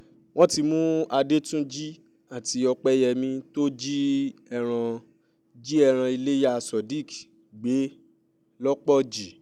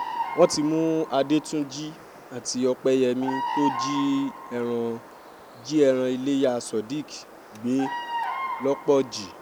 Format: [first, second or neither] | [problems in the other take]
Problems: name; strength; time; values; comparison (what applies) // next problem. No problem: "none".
first | background sound (Bird vocalization, bird call, bird song); 9 dB below the speech